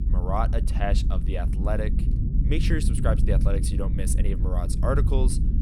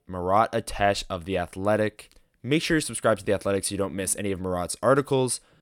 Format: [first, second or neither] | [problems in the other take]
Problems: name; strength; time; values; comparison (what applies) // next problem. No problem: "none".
second | low rumble; loud; throughout; 8 dB below the speech